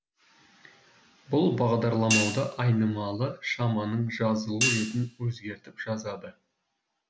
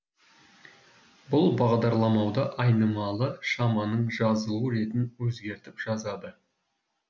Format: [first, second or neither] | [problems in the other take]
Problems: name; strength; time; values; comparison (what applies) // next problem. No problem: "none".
second | background sound (Hi-hat); 5 dB below the speech